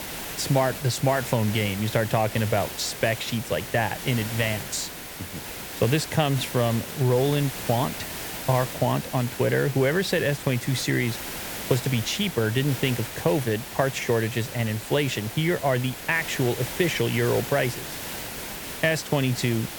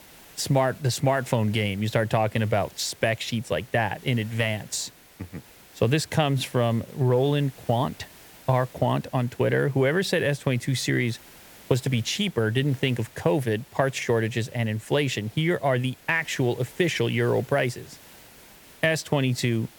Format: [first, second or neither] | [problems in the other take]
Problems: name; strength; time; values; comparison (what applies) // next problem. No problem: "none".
second | hiss; loud; throughout; 8 dB below the speech; faint in the second